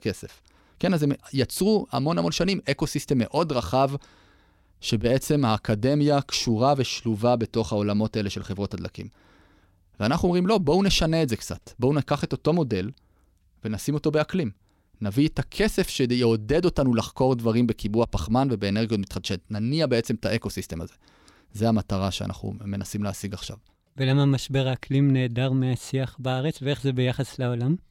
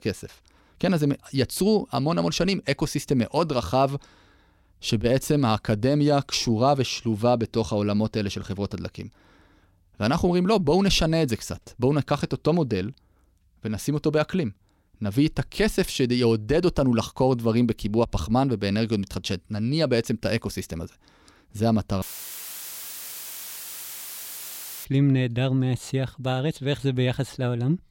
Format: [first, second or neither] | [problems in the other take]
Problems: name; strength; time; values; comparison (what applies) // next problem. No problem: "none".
first | audio cutting out; filled with static; at 22 s for 3 s